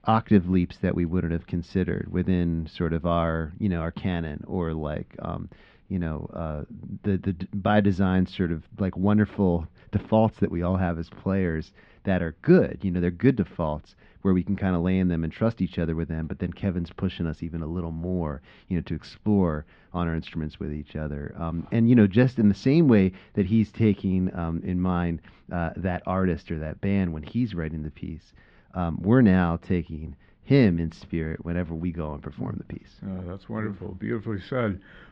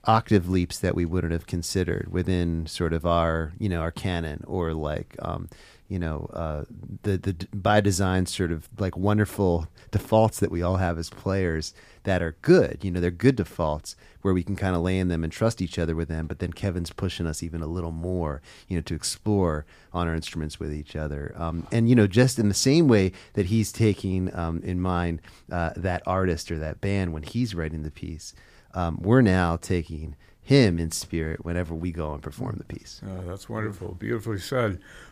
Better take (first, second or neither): second